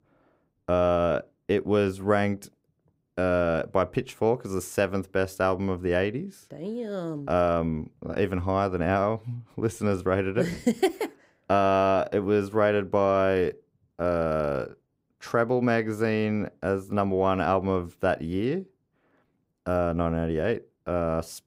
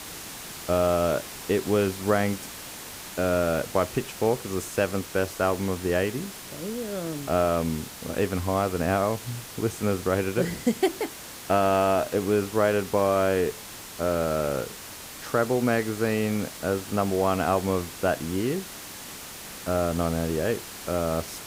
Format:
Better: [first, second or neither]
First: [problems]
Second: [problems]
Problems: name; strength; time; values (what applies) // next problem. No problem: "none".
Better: first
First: none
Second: hiss; noticeable; throughout; 10 dB below the speech